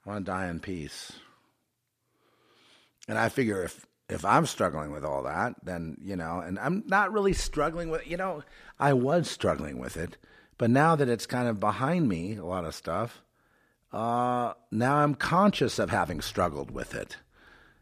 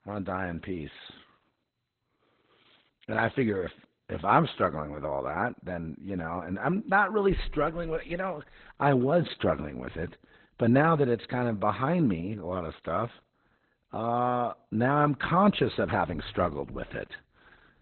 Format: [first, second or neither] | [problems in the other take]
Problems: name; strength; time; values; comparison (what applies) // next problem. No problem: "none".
first | garbled, watery; badly; nothing above 4 kHz